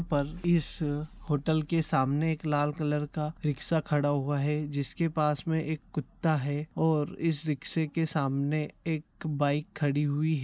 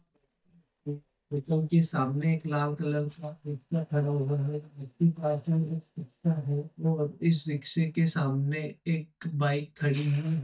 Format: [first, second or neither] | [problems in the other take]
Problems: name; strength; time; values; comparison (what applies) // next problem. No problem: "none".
first | noise reduction (neural mask model DeepFilterNet 3)